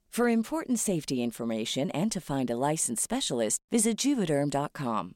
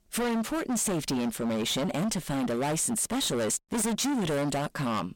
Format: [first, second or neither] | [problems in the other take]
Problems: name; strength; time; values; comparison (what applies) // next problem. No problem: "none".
first | distortion; heavy; 37% of the sound clipped